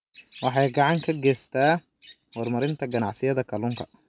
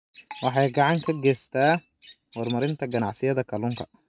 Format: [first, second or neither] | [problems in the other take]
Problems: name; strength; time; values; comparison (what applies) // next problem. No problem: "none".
first | noise reduction (neural mask model RNNoise)